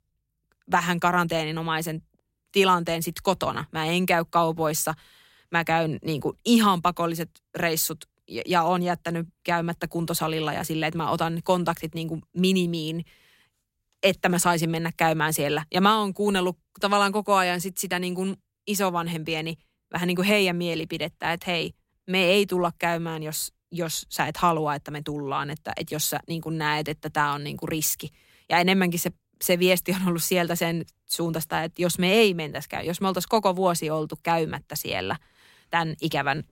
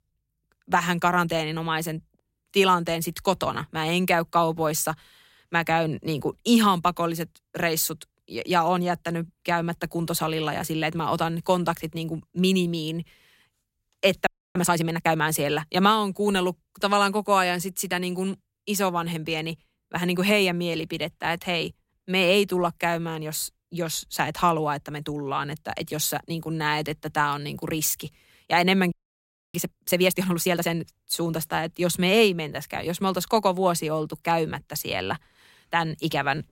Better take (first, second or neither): first